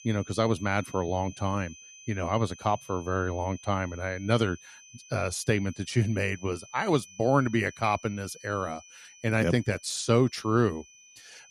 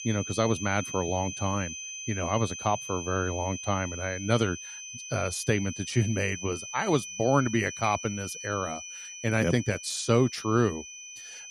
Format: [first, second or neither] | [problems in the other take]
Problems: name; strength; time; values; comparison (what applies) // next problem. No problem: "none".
first | high-pitched whine; loud; throughout; 6 kHz, 9 dB below the speech; faint in the first